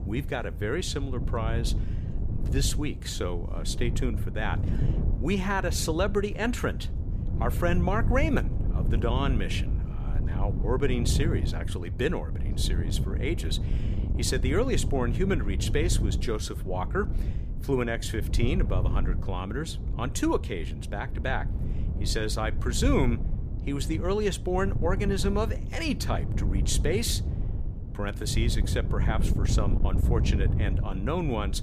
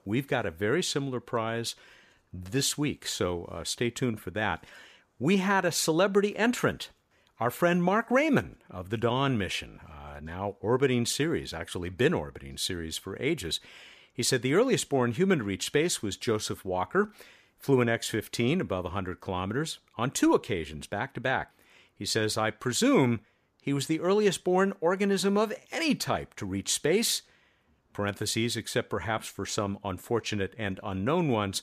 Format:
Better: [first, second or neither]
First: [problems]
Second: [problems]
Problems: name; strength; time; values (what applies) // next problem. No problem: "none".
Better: second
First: wind noise on the microphone; occasional gusts; 10 dB below the speech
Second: none